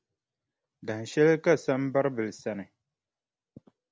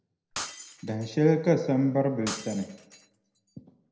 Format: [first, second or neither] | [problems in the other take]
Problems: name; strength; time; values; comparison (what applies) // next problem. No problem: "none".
first | background sound (Shatter); 15 dB below the speech // room echo; dies away in 0.8 s